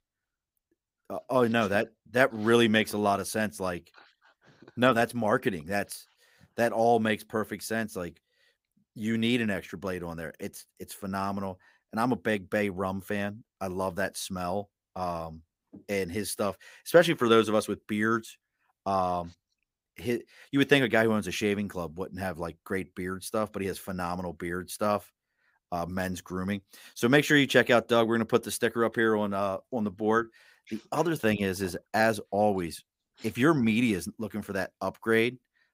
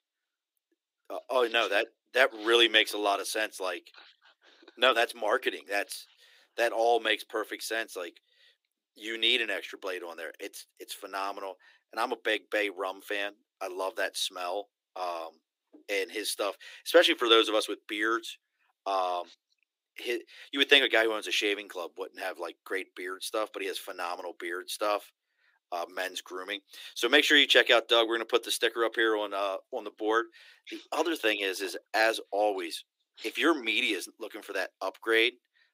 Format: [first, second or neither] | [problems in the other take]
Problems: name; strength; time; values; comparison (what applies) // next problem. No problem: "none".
first | thin; very; fading below 300 Hz